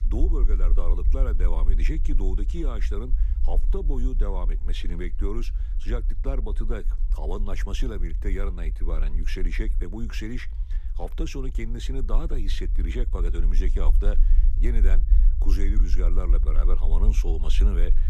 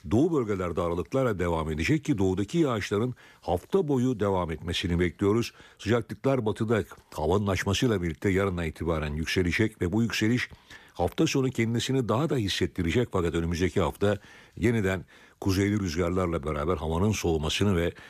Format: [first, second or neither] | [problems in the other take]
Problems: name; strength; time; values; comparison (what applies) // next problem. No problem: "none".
second | low rumble; noticeable; throughout; 15 dB below the speech